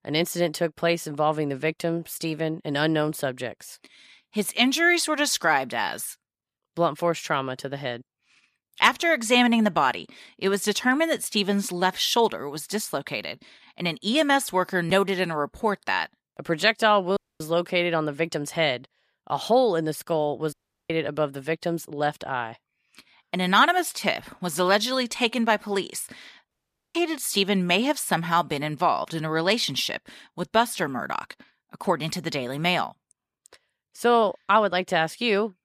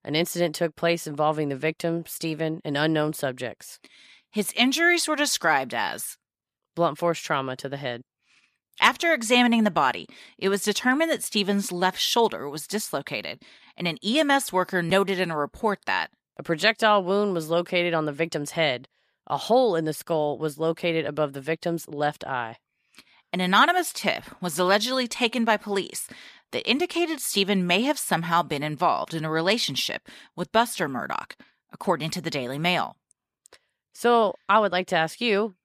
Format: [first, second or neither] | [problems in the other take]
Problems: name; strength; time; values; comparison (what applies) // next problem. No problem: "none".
second | audio cutting out; at 17 s, at 21 s and at 27 s